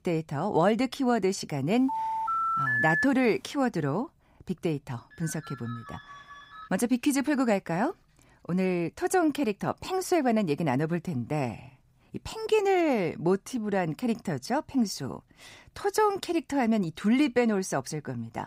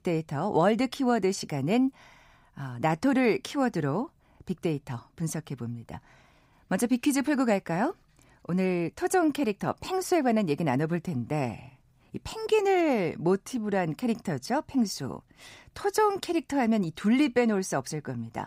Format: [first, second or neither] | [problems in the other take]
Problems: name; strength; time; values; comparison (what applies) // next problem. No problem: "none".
second | phone ringing; loud; from 2 to 3 s; peak 3 dB above the speech // phone ringing; faint; from 5 to 6.5 s; peak 15 dB below the speech